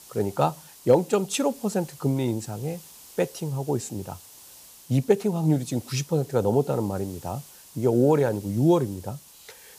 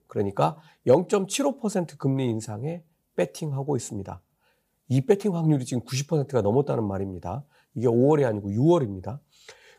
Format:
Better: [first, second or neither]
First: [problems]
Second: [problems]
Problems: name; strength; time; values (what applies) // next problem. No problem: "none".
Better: second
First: hiss; faint; throughout; 20 dB below the speech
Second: none